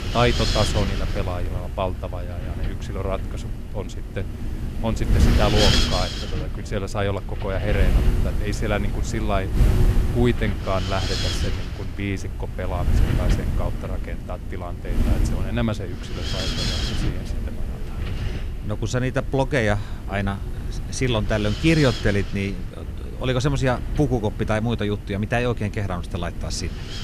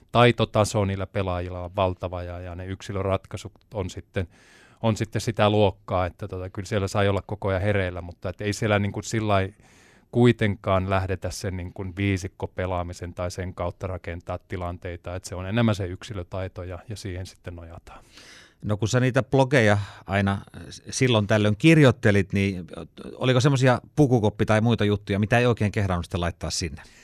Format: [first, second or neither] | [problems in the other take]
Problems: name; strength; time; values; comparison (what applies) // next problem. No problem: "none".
second | wind noise on the microphone; heavy; 3 dB below the speech